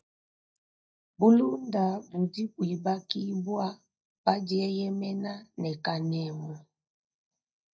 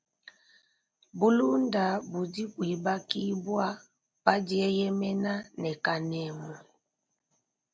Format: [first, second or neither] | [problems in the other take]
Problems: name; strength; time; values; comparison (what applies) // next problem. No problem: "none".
second | noise reduction (neural mask model DeepFilterNet 3)